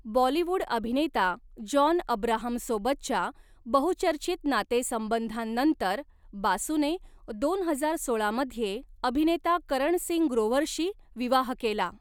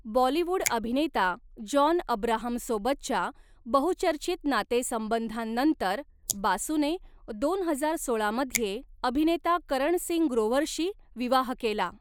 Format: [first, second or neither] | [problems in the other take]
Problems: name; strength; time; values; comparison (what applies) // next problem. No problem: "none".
first | noise reduction (neural mask model Resemble Enhance denoiser)